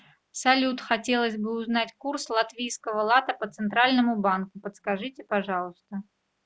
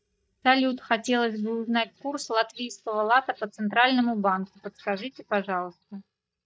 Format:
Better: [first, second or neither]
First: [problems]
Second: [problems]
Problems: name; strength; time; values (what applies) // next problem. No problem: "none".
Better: first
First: none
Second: noise reduction (neural mask model DeepFilterNet 3)